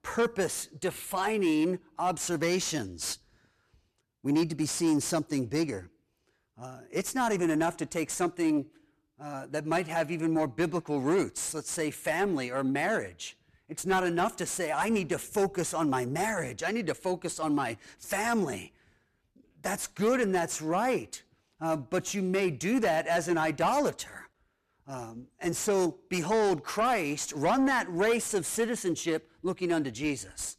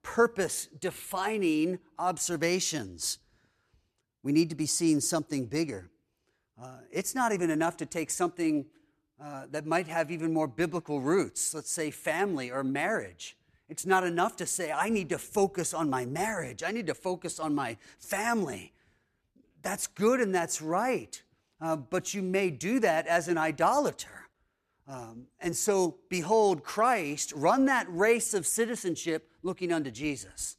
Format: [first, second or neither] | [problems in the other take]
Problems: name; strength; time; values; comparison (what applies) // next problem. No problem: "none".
second | distortion; slight; 10 dB below the speech